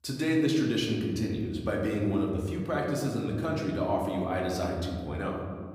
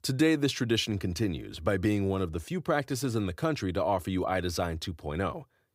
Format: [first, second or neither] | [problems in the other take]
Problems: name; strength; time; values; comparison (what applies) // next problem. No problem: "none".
second | room echo; noticeable; dies away in 1.9 s // off-mic speech; somewhat distant